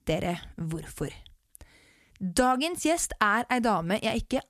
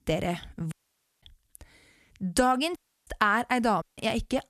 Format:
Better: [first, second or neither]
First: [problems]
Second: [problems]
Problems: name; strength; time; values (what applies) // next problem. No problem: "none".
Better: first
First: none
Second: audio cutting out; at 0.5 s for 0.5 s, at 3 s and at 4 s